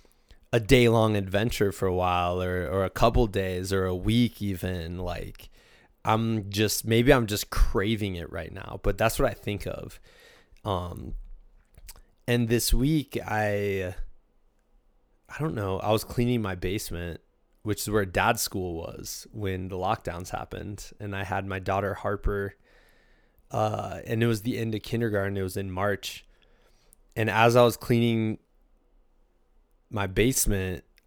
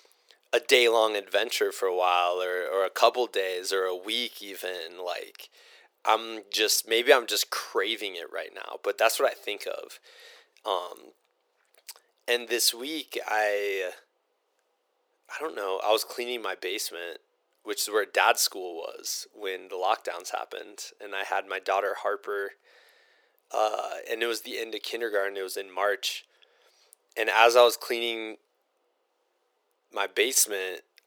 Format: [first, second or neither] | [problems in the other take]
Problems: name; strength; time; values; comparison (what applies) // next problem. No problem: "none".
first | thin; very; fading below 400 Hz